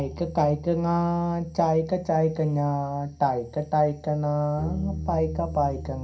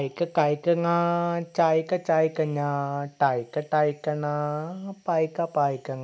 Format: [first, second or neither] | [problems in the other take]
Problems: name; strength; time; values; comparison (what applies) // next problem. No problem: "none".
second | background sound (Bass guitar); 13 dB below the speech // room echo; dies away in 0.3 s